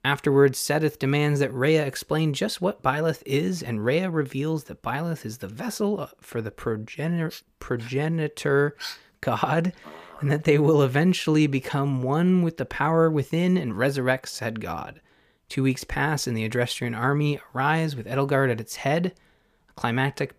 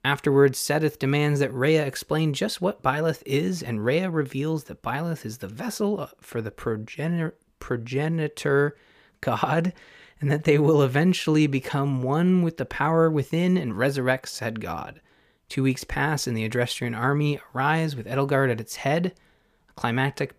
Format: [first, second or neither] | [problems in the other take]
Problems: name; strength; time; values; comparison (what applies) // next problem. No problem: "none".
second | dog barking; faint; from 7.5 to 10 s; peak 10 dB below the speech